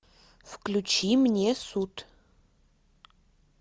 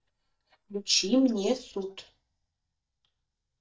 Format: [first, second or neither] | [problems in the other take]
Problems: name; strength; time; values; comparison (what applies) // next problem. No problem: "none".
first | noise reduction (neural mask model DeepFilterNet 3)